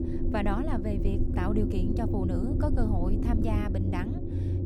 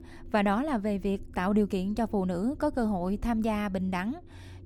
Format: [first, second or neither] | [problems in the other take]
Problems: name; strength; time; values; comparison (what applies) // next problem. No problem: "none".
second | low rumble; loud; throughout; 2 dB below the speech; faint in the second